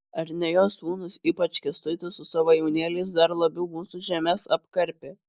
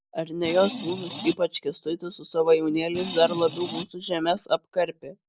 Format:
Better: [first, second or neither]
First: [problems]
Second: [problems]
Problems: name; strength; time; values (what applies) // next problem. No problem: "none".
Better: first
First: none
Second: background sound (Screech); 10 dB below the speech